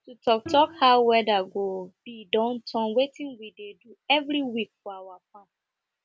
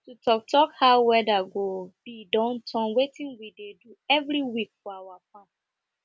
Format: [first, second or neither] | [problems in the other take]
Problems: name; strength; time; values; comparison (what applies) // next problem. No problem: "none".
second | background sound (Bowed string instrument); 19 dB below the speech